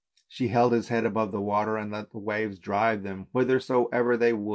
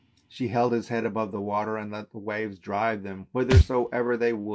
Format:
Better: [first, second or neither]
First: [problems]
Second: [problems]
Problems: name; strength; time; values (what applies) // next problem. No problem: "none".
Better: first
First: none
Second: background sound (Thump, thud); 2 dB below the speech